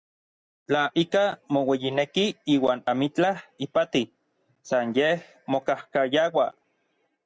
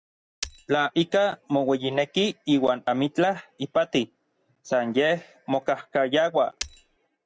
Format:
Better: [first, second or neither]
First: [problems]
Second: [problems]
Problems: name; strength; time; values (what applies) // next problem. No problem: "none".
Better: first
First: none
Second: background sound (Shatter); 12 dB below the speech